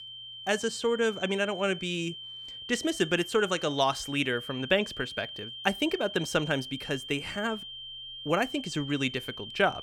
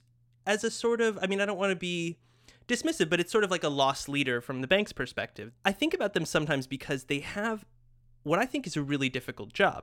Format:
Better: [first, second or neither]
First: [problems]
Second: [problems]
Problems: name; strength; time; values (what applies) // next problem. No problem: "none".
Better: second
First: high-pitched whine; loud; throughout; 3 kHz, 10 dB below the speech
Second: none